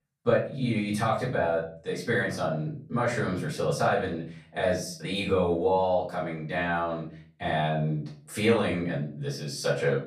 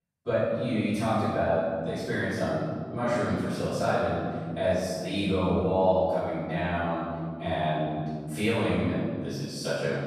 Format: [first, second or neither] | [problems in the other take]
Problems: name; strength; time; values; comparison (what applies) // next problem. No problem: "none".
first | room echo; strong; dies away in 1.9 s; slight in the first // off-mic speech; far; far in the first